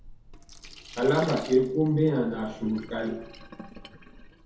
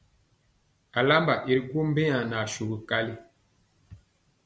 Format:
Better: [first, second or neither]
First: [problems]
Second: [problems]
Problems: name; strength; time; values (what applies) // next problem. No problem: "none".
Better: second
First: background sound (Sink (filling or washing)); 17 dB below the speech // room echo; dies away in 0.5 s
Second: none